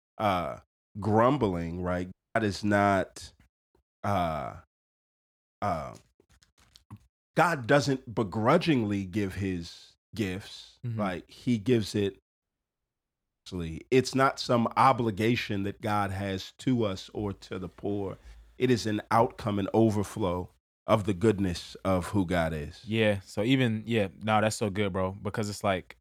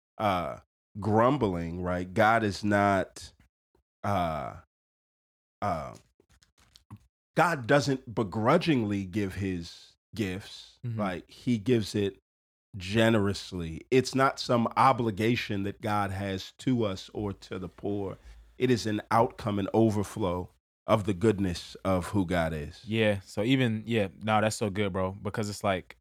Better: second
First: audio cutting out; at 2 s and at 12 s for 1 s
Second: none

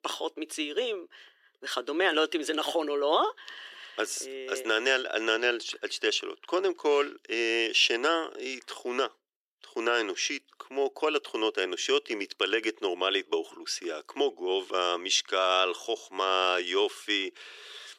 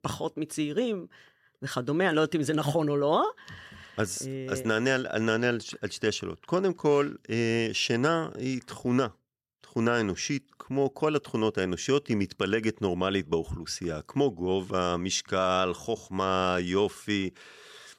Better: second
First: thin; very; fading below 350 Hz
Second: none

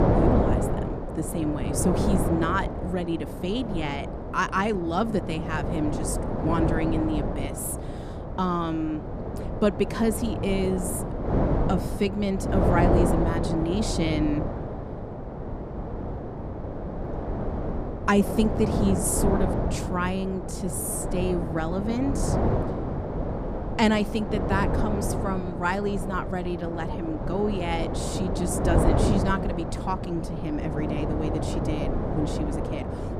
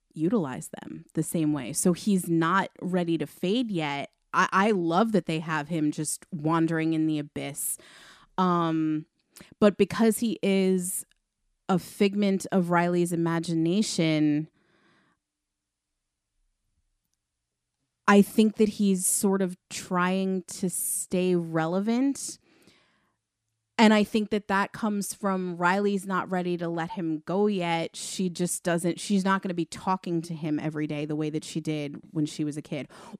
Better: second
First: wind noise on the microphone; heavy; 2 dB below the speech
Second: none

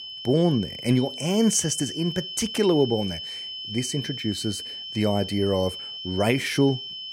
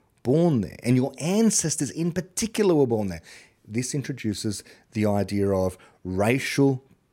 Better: second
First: high-pitched whine; loud; throughout; 3 kHz, 8 dB below the speech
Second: none

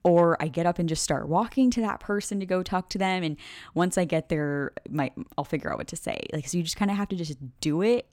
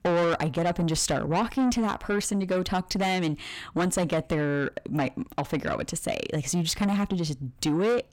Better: first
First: none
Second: distortion; heavy; 7 dB below the speech

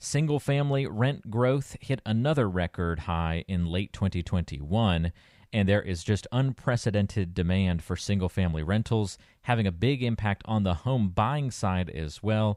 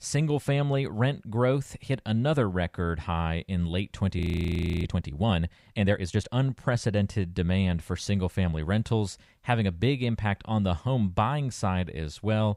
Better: first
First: none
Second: audio freezing; at 4 s for 0.5 s

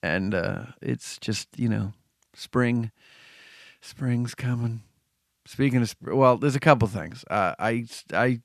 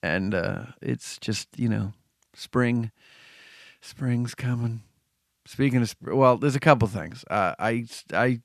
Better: neither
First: none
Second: none

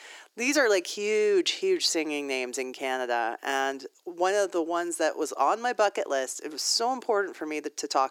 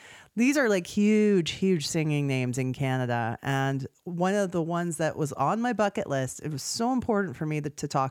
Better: second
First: thin; very; fading below 350 Hz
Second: none

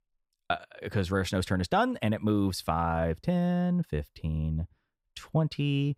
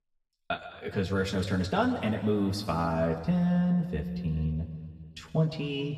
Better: first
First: none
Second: room echo; slight; dies away in 2 s // off-mic speech; somewhat distant

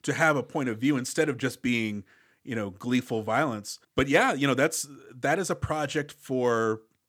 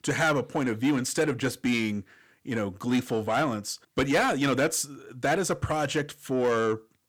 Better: first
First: none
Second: distortion; slight; 10 dB below the speech

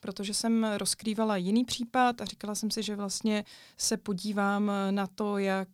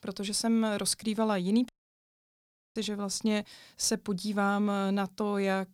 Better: first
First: none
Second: audio cutting out; at 1.5 s for 1 s

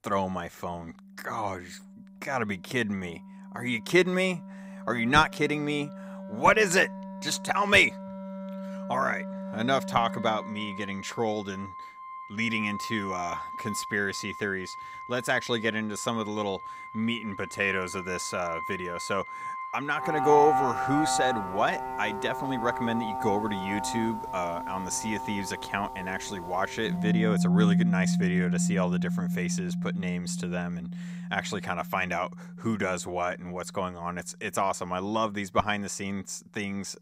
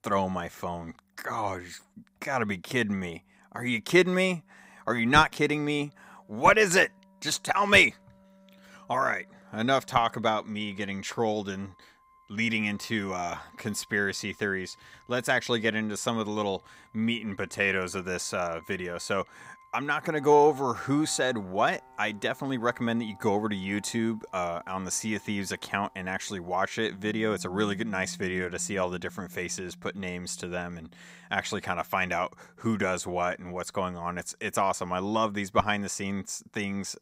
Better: second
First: background music; loud; throughout; 4 dB below the speech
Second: background music; faint; throughout; 25 dB below the speech

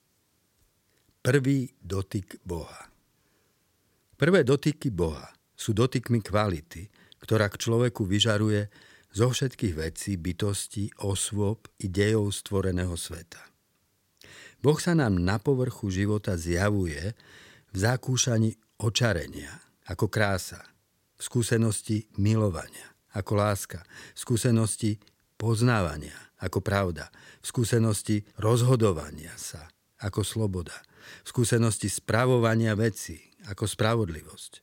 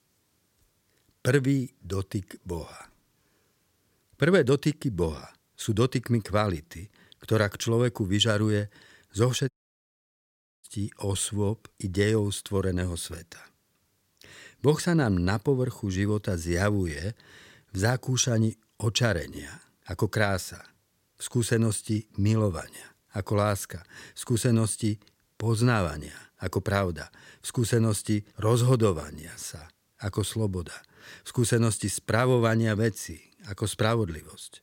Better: first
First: none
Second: audio cutting out; at 9.5 s for 1 s

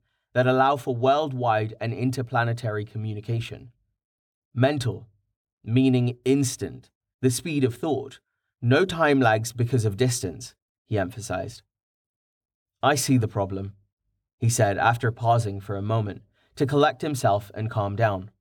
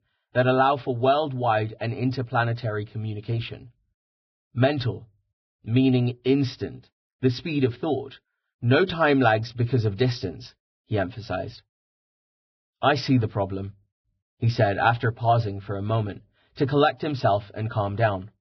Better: first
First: none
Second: garbled, watery; badly; nothing above 5.5 kHz

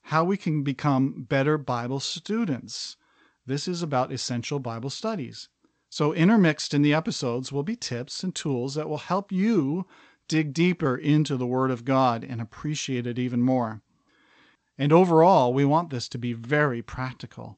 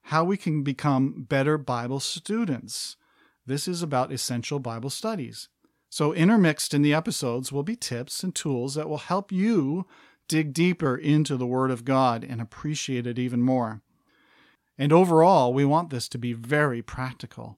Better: second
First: garbled, watery; slightly; nothing above 8 kHz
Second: none

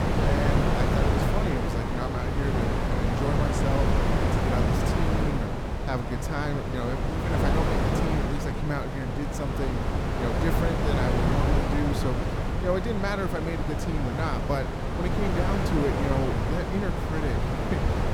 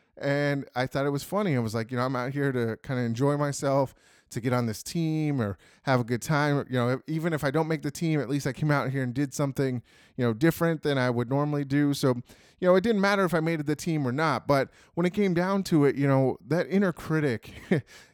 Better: second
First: wind noise on the microphone; heavy; 3 dB above the speech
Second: none

